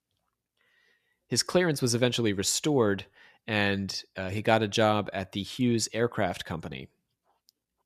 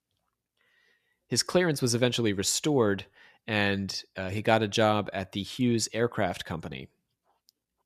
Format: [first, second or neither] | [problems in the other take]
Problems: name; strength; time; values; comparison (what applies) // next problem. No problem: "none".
neither | none